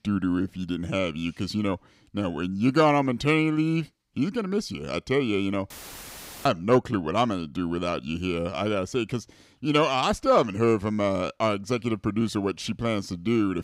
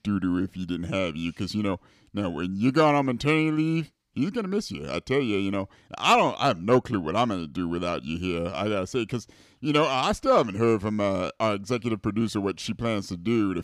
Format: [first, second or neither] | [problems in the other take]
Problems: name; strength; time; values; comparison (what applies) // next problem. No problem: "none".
second | audio cutting out; filled with static; at 5.5 s for 1 s